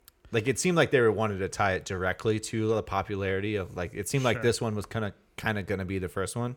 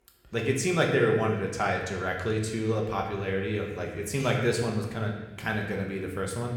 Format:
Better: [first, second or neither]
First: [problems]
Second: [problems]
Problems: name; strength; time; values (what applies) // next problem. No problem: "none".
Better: first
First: none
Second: room echo; noticeable; dies away in 1 s // off-mic speech; somewhat distant